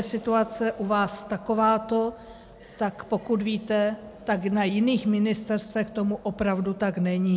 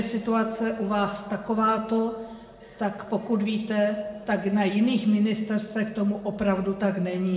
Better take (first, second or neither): first